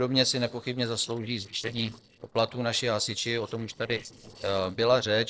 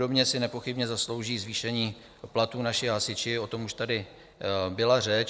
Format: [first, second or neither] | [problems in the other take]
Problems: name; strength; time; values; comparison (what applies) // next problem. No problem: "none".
second | noise reduction (neural separator model SepFormer DNS4)